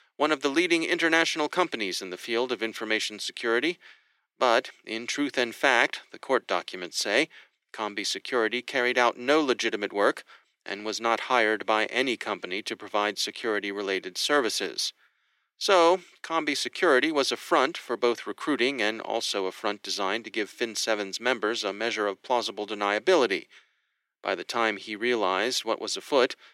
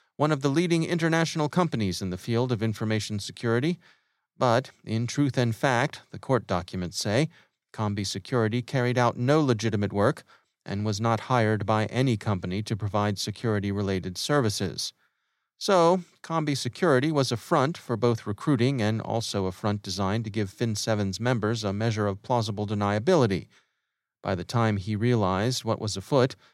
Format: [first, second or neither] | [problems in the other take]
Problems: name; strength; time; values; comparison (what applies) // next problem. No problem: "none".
second | thin; somewhat; fading below 300 Hz